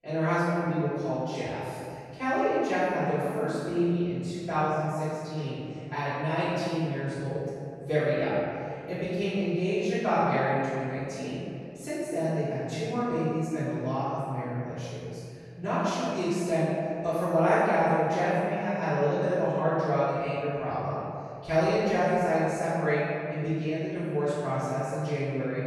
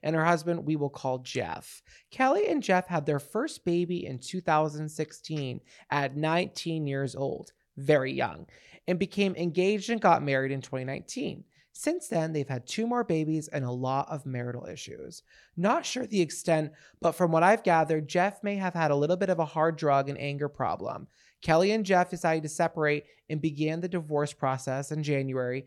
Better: second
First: off-mic speech; far // room echo; strong; dies away in 2.3 s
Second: none

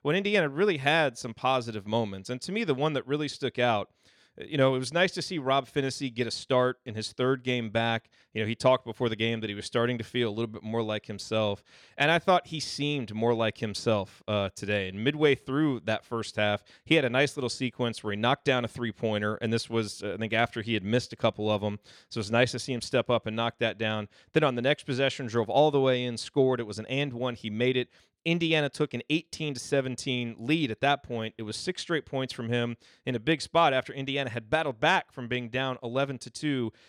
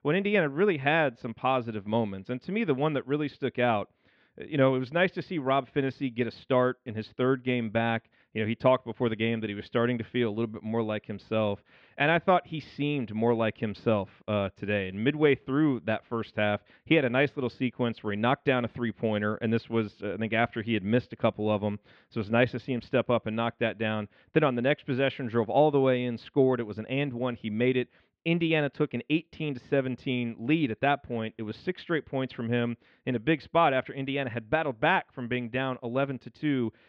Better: first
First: none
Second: muffled; very; fading above 3 kHz

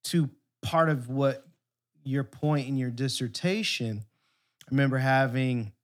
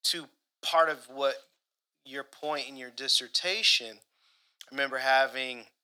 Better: first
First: none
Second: thin; very; fading below 550 Hz

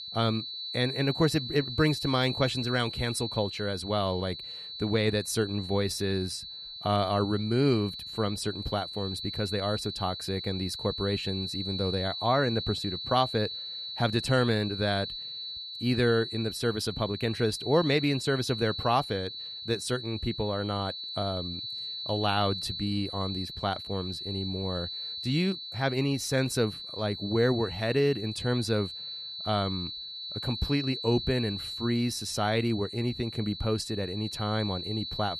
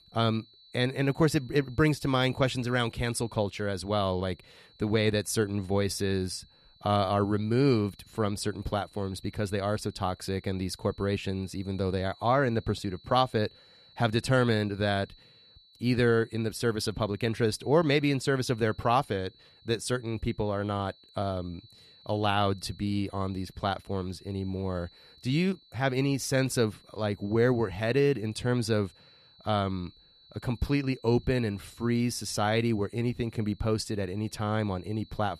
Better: second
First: high-pitched whine; loud; throughout; 4 kHz, 6 dB below the speech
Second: high-pitched whine; faint; throughout; 4 kHz, 25 dB below the speech

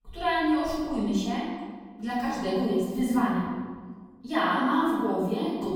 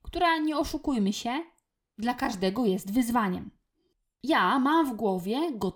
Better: second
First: off-mic speech; far // room echo; strong; dies away in 1.4 s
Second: none

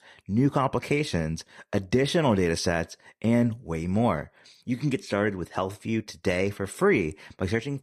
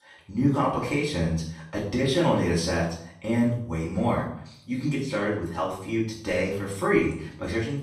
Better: first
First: none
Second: off-mic speech; far // room echo; noticeable; dies away in 0.5 s

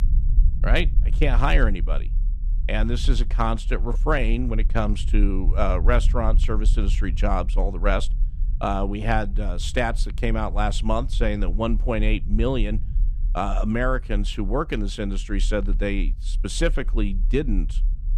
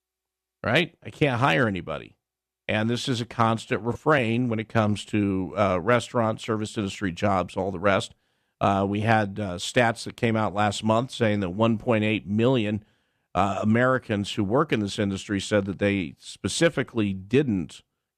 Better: second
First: low rumble; faint; throughout; 20 dB below the speech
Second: none

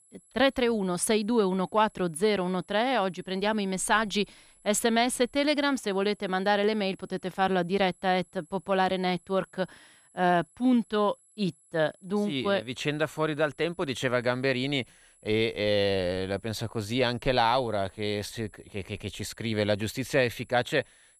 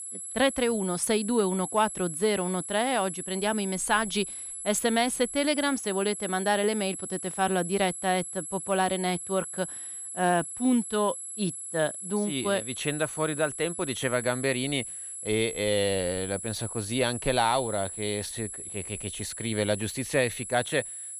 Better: first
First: high-pitched whine; faint; throughout; 11 kHz, 30 dB below the speech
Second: high-pitched whine; loud; throughout; 11 kHz, 7 dB below the speech

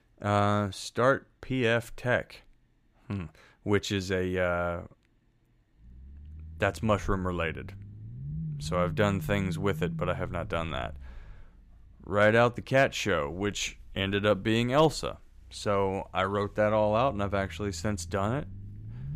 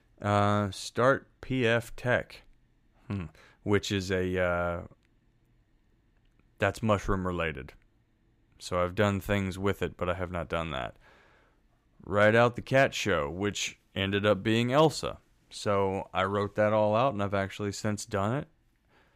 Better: second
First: low rumble; faint; from 6 s on; 20 dB below the speech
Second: none

